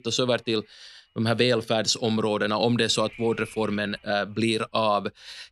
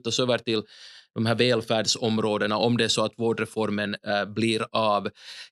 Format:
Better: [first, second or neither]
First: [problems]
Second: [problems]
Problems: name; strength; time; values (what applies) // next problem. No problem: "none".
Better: second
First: wind noise on the microphone; occasional gusts; 20 dB below the speech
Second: none